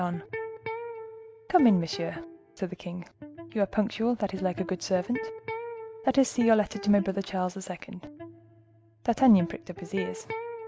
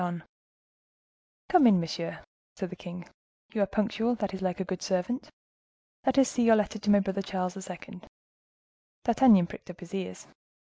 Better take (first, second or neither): second